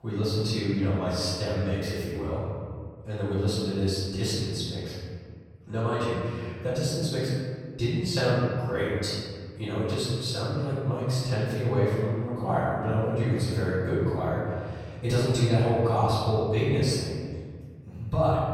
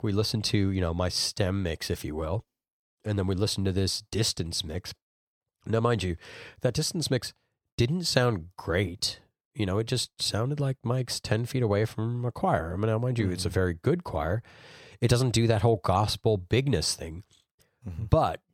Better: second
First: off-mic speech; far // room echo; strong; dies away in 1.8 s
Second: none

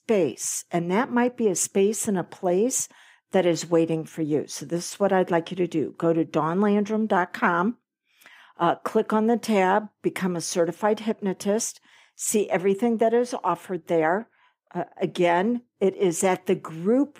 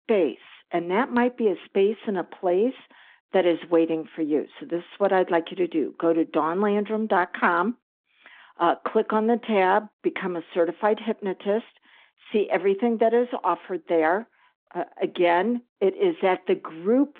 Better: first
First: none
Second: phone-call audio

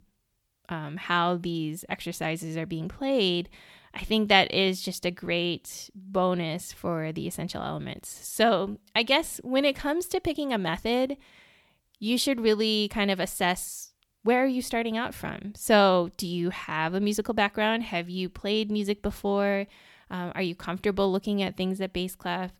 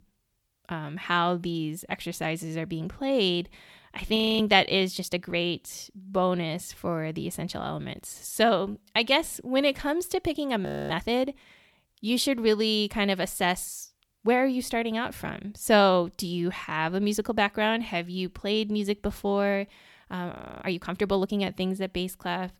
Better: first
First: none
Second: audio freezing; at 4 s, at 11 s and at 20 s

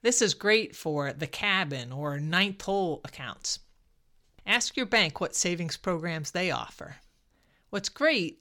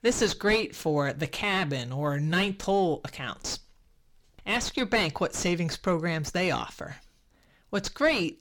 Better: first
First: none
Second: distortion; heavy; 5 dB below the speech

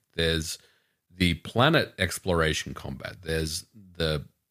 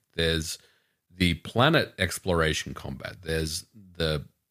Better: neither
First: none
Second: none

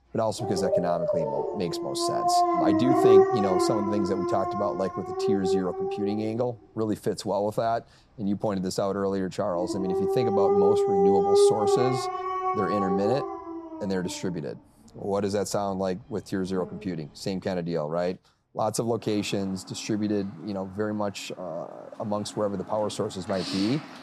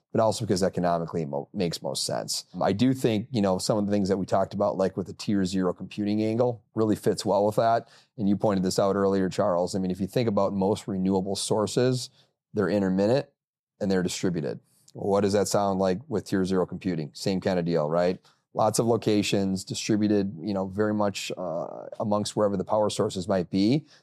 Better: second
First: animal sounds; very loud; throughout; 4 dB above the speech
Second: none

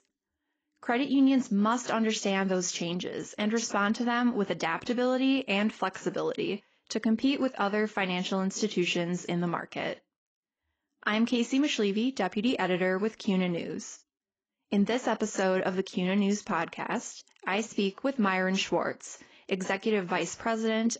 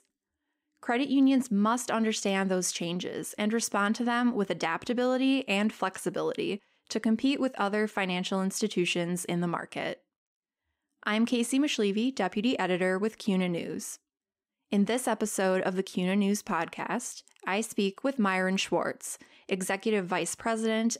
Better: second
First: garbled, watery; badly; nothing above 7.5 kHz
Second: none

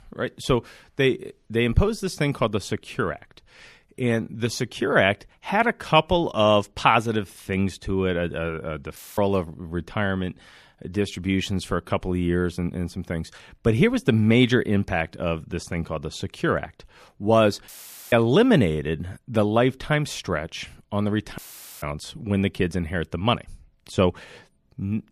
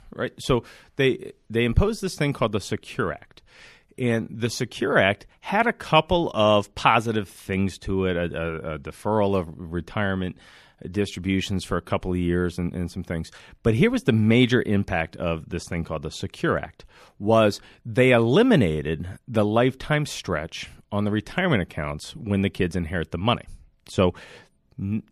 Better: second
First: audio cutting out; filled with static; at 9 s, at 18 s and at 21 s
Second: none

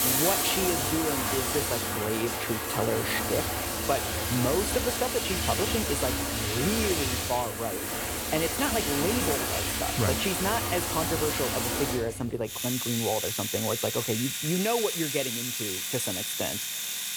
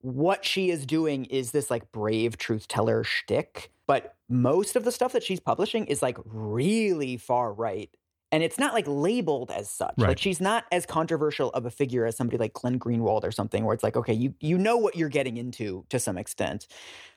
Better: second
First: household noises; very loud; throughout; 2 dB above the speech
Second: none

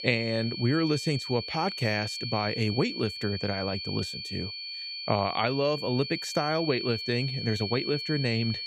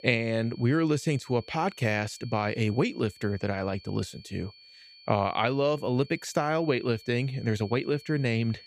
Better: second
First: high-pitched whine; loud; throughout; 4.5 kHz, 5 dB below the speech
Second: high-pitched whine; faint; throughout; 4.5 kHz, 20 dB below the speech

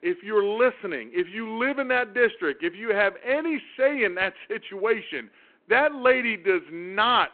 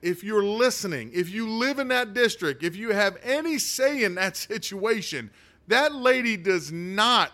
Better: second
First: phone-call audio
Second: none

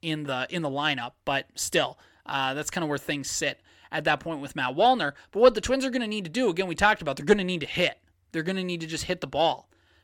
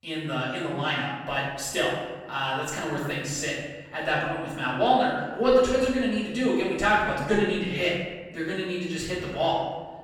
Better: first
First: none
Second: off-mic speech; far // room echo; noticeable; dies away in 1.1 s

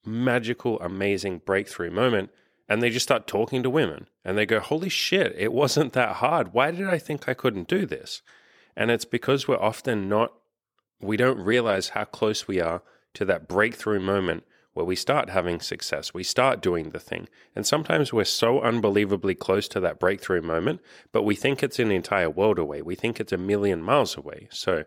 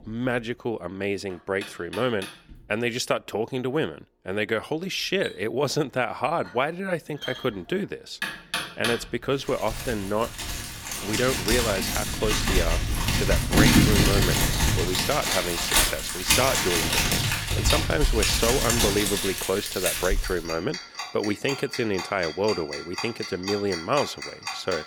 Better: first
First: none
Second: household noises; very loud; throughout; 2 dB above the speech

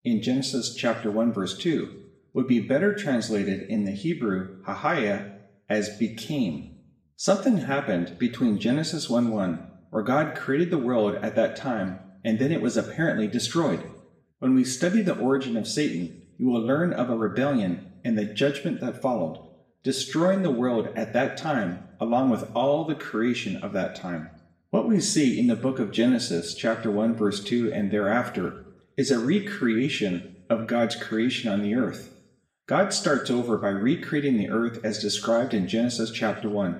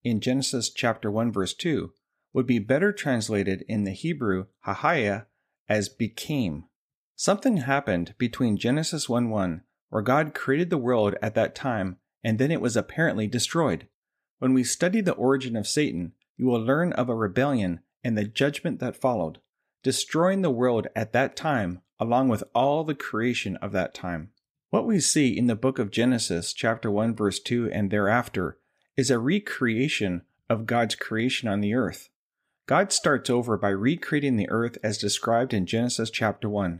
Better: second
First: room echo; slight; dies away in 0.7 s // off-mic speech; far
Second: none

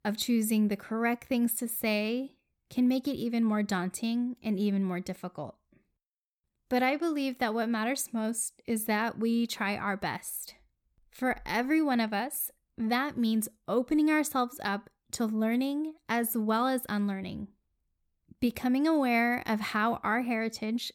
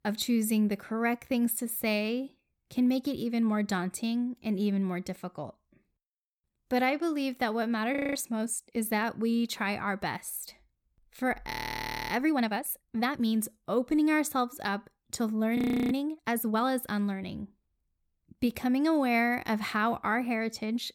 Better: first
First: none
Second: audio freezing; at 8 s, at 12 s for 0.5 s and at 16 s

